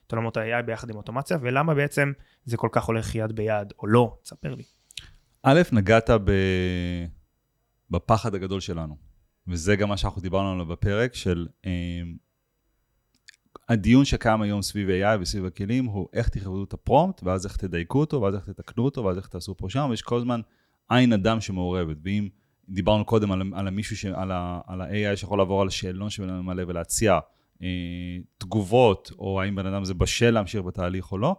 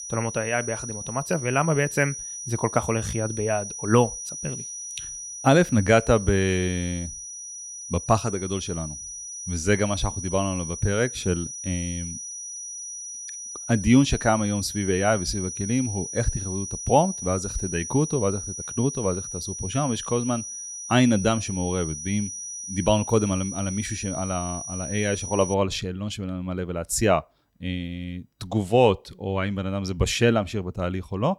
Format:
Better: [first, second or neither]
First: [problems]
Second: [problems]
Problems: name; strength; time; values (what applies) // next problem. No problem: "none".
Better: first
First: none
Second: high-pitched whine; loud; until 26 s; 6 kHz, 8 dB below the speech